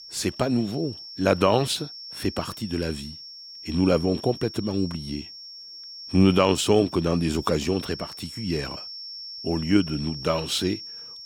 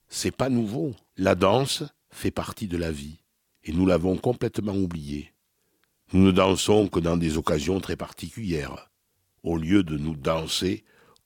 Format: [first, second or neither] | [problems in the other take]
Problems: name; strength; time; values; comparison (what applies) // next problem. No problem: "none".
second | high-pitched whine; noticeable; throughout; 5.5 kHz, 10 dB below the speech